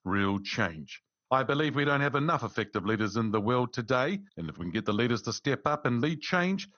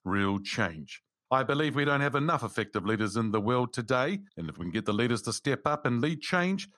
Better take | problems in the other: second | garbled, watery; slightly; nothing above 6.5 kHz

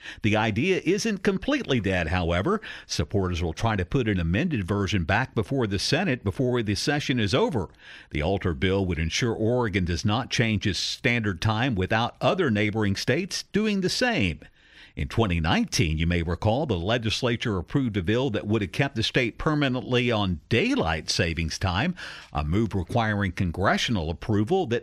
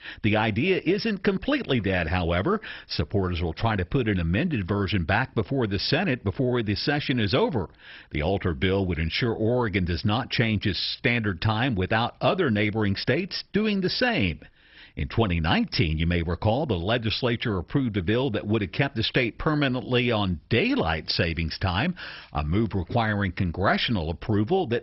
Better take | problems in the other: first | garbled, watery; badly; nothing above 5.5 kHz

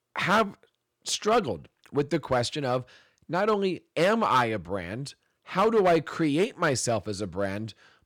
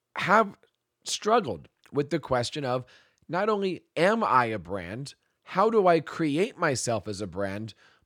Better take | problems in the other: second | distortion; slight; 3% of the sound clipped

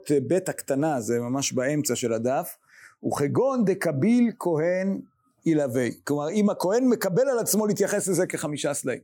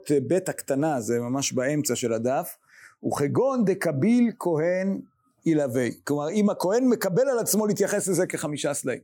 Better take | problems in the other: neither | none

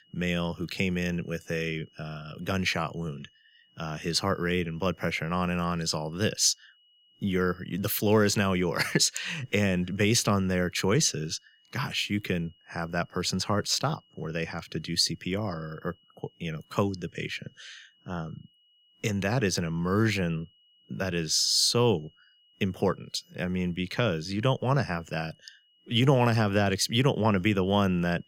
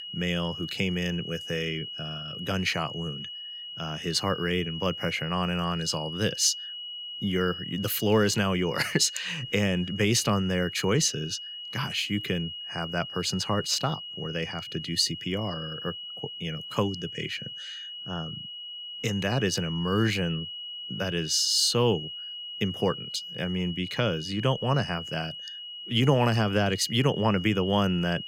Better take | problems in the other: first | high-pitched whine; loud; throughout; 3 kHz, 9 dB below the speech; faint in the first

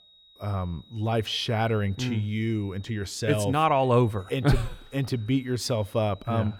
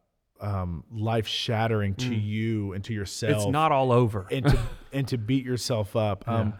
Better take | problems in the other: second | high-pitched whine; faint; throughout; 4 kHz, 25 dB below the speech

